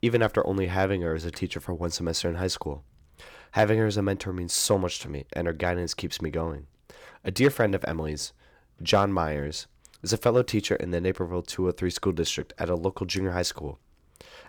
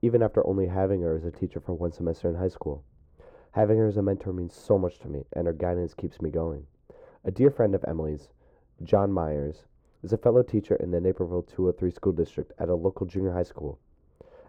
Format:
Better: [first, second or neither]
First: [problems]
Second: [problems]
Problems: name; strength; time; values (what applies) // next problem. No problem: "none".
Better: first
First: none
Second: muffled; very; fading above 1.5 kHz